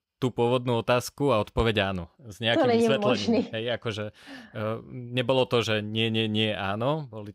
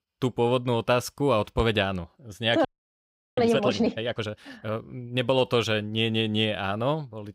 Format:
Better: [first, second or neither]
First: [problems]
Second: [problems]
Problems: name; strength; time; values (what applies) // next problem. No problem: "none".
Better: first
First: none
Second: audio freezing; at 2.5 s for 0.5 s